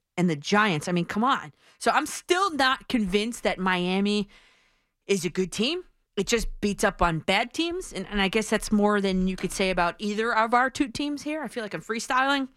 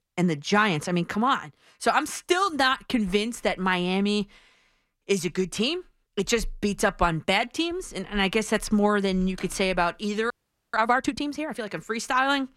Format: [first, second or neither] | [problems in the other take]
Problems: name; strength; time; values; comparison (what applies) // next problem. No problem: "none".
first | audio freezing; at 10 s